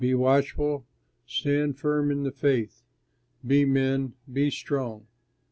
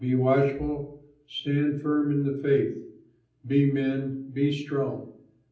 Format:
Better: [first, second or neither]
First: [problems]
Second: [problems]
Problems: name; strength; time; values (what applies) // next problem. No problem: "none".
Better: first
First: none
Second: room echo; dies away in 0.6 s